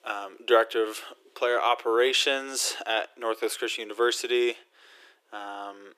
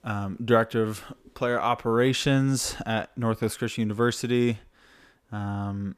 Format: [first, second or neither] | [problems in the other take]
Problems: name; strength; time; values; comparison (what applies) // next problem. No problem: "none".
second | thin; very; fading below 350 Hz